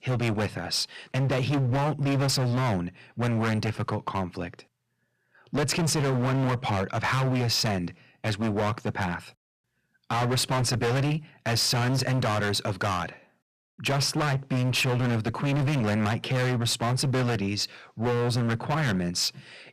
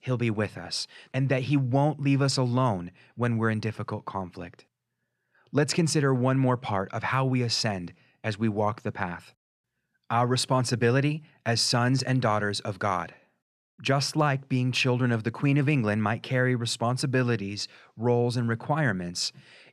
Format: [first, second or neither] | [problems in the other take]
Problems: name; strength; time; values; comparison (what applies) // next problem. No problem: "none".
second | distortion; heavy; 25% of the sound clipped